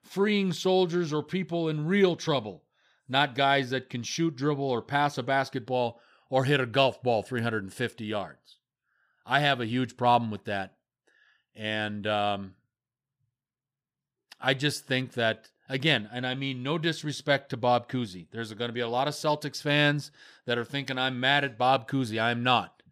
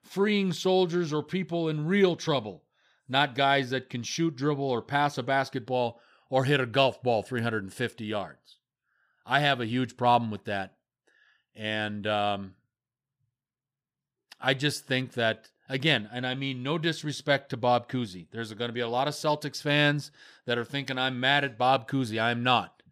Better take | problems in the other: neither | none

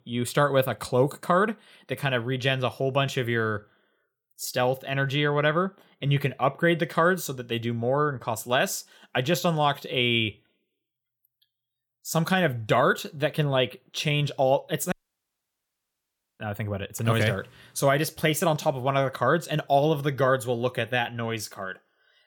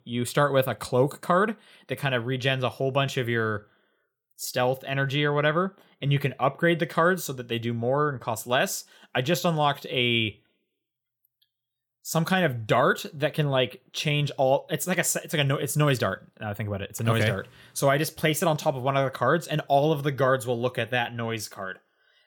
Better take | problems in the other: second | audio cutting out; at 15 s for 1.5 s

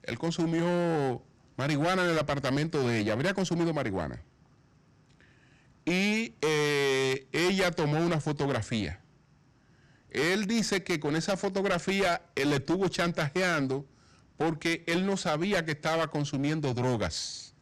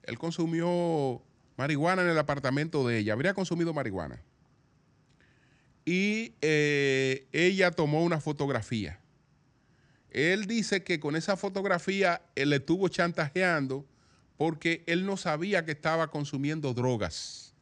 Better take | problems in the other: second | distortion; heavy; 16% of the sound clipped

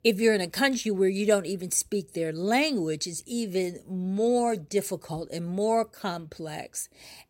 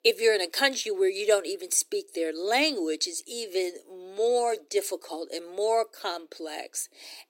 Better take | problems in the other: first | thin; somewhat; fading below 300 Hz

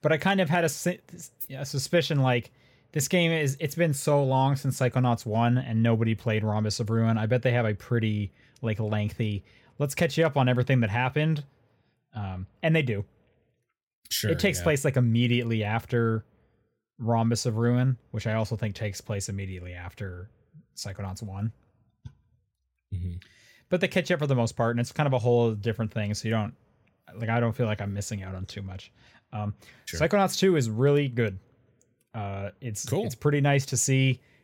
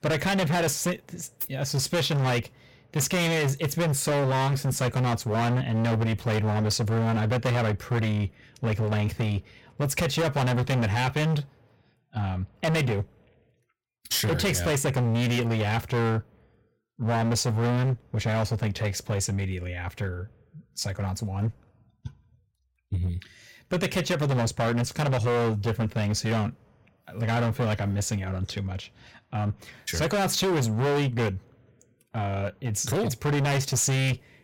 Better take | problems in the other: first | distortion; heavy; 23% of the sound clipped

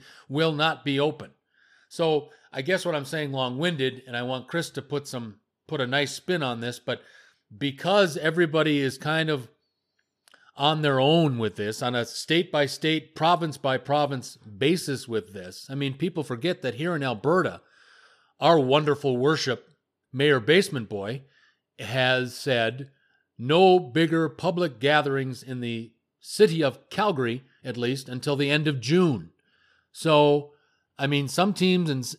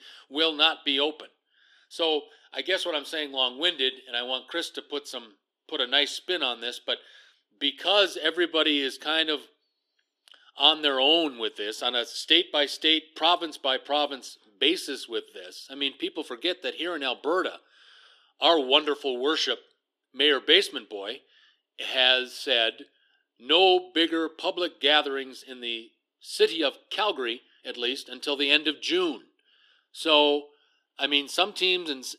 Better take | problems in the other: first | thin; somewhat; fading below 300 Hz

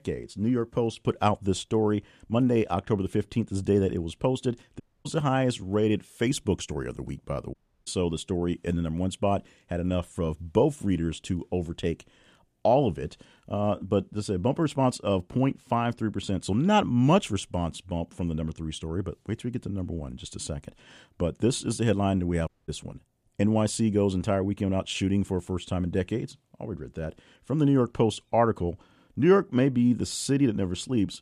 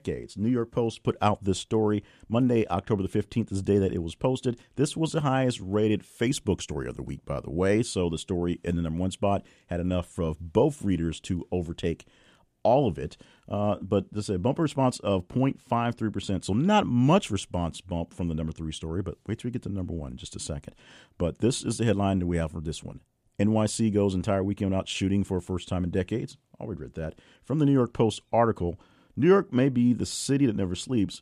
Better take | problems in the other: second | audio cutting out; at 5 s, at 7.5 s and at 22 s

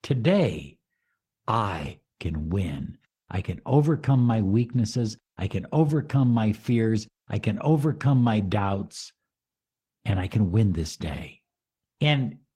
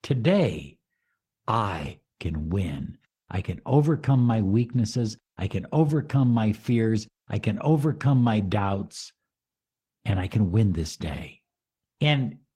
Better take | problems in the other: neither | garbled, watery; slightly; nothing above 16 kHz; the same in both

